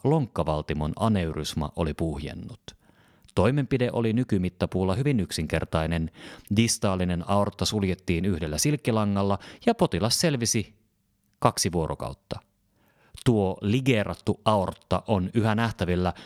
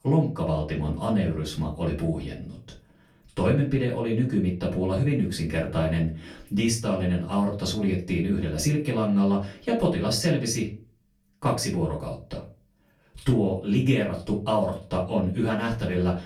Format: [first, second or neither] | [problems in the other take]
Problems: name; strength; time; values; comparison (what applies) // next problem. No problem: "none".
first | off-mic speech; far // room echo; slight; dies away in 0.3 s